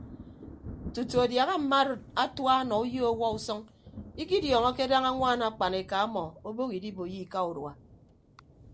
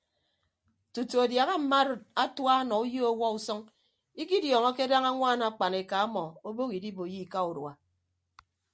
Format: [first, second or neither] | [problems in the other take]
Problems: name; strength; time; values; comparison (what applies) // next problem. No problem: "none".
second | background sound (Thunder); 16 dB below the speech